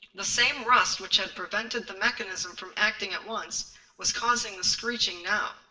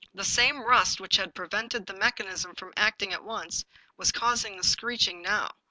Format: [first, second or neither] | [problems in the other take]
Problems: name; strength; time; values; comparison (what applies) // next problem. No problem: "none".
second | room echo; dies away in 0.7 s